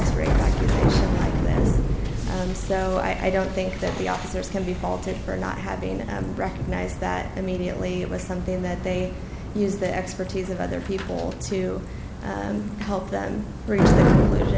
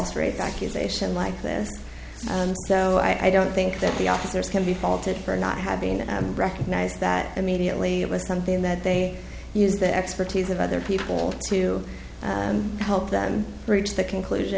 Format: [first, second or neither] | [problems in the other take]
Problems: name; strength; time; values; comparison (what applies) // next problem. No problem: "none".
second | background sound (Bicycle); 3 dB above the speech